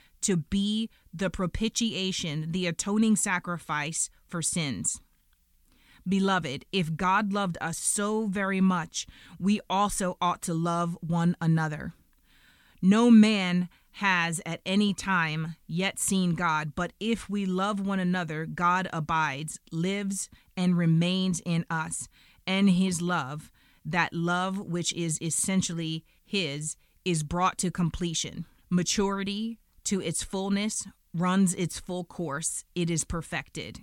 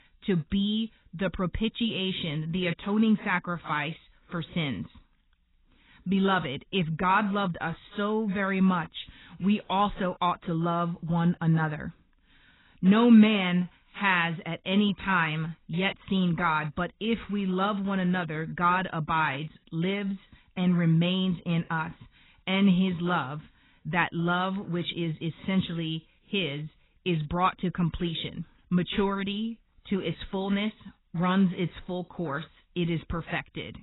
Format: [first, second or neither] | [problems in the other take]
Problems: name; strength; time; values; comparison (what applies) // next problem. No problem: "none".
first | garbled, watery; badly; nothing above 4 kHz